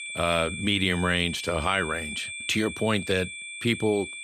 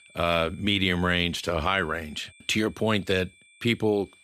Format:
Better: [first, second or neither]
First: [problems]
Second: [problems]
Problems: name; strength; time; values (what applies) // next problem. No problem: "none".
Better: second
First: high-pitched whine; loud; throughout; 2.5 kHz, 8 dB below the speech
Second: high-pitched whine; faint; throughout; 2.5 kHz, 25 dB below the speech